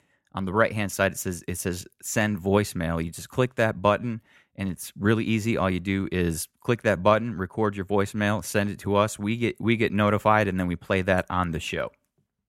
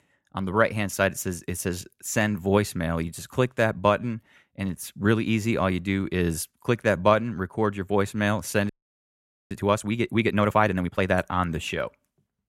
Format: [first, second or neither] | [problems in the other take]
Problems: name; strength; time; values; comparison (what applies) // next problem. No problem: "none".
first | audio freezing; at 8.5 s for 1 s